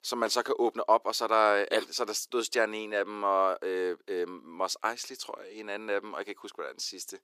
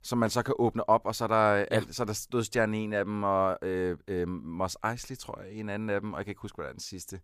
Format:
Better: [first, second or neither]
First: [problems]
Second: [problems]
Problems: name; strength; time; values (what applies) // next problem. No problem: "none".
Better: second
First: thin; somewhat; fading below 350 Hz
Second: none